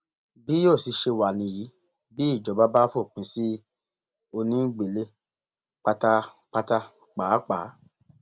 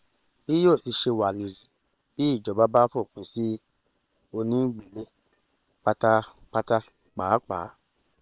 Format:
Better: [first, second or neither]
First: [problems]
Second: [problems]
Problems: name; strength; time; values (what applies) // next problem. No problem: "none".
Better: first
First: none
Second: noise reduction (neural separator model SepFormer WHAM!)